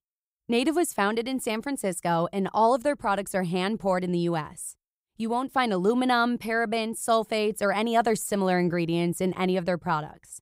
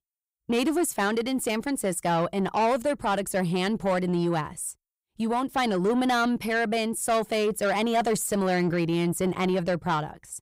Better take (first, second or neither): first